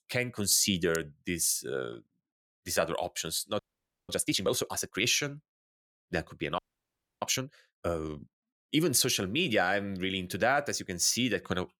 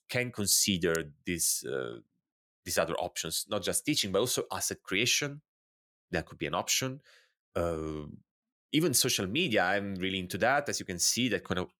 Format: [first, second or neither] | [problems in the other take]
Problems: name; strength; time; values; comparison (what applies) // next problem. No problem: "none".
second | audio freezing; at 3.5 s for 0.5 s and at 6.5 s for 0.5 s